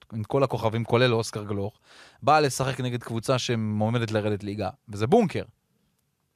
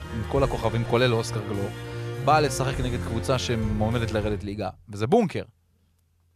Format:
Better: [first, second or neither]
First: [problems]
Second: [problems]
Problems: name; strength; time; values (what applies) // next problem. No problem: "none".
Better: first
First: none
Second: background music; loud; throughout; 7 dB below the speech